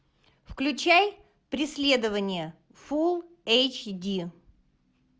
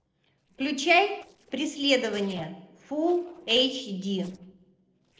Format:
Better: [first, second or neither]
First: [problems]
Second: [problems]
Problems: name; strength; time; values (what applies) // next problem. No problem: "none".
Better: first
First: none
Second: noise reduction (neural separator model SepFormer DNS4)